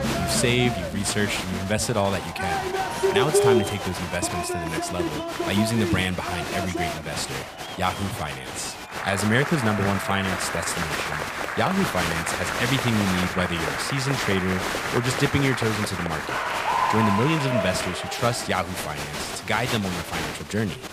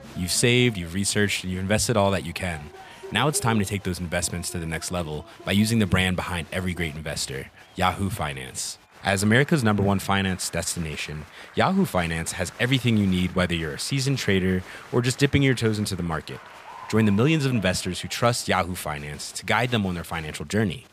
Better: second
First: crowd noise; loud; throughout; 1 dB below the speech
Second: crowd noise; faint; throughout; 20 dB below the speech

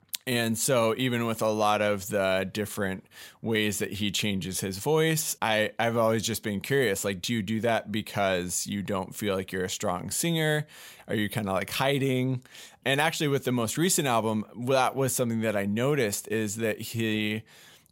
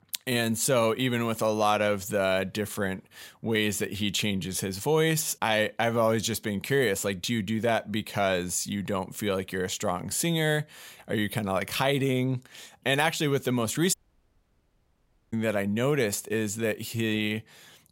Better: first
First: none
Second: audio cutting out; at 14 s for 1.5 s

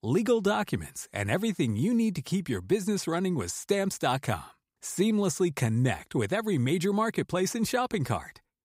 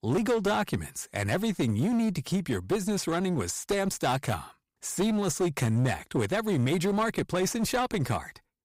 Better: first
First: none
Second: distortion; slight; 15% of the sound clipped

